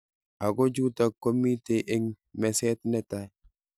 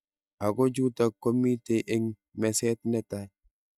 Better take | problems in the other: first | noise reduction (neural mask model DeepFilterNet 3)

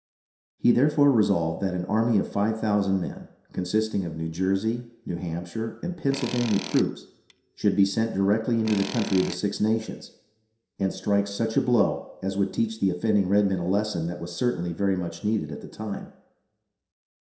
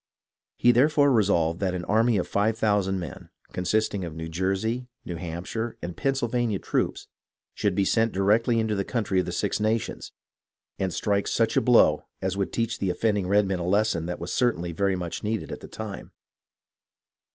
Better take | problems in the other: second | background sound (Tools); 12 dB below the speech // room echo; dies away in 0.7 s

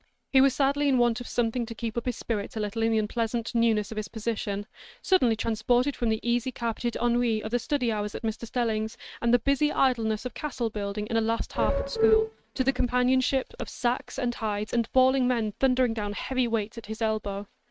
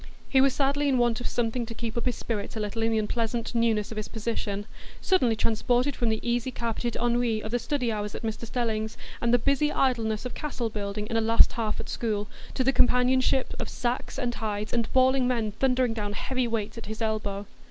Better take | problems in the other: second | noise reduction (neural mask model RNNoise)

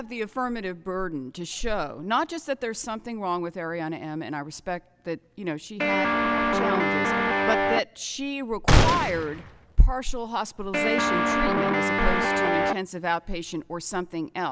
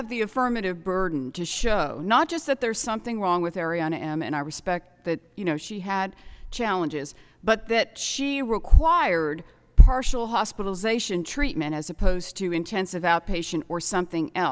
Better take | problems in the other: second | background sound (Gunshot, gunfire + Guitar); 4 dB above the speech

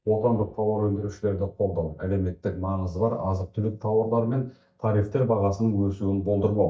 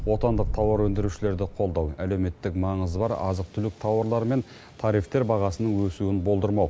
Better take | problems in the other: second | noise reduction (neural mask model DeepFilterNet 3)

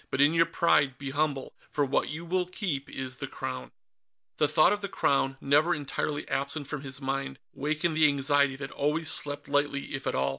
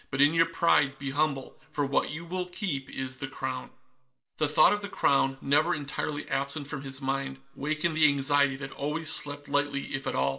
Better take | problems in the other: first | room echo; dies away in 0.4 s

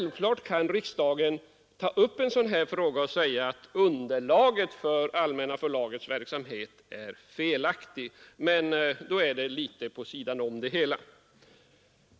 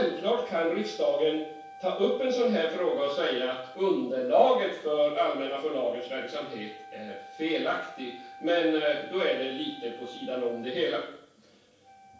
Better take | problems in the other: first | background sound (Wind instrument, woodwind instrument); 19 dB below the speech // room echo; dies away in 0.7 s

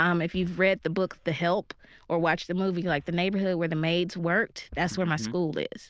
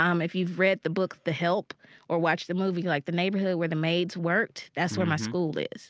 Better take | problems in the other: second | noise reduction (neural diffusion model UNIVERSE++)

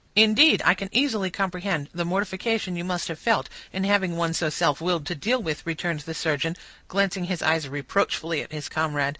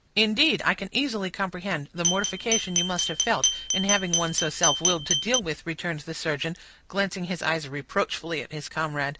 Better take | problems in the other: first | background sound (Glass); 1 dB above the speech

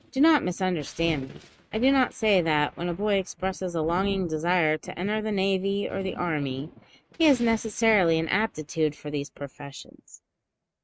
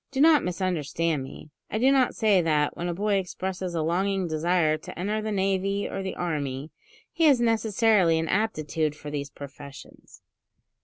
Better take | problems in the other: second | noise reduction (neural mask model RNNoise)

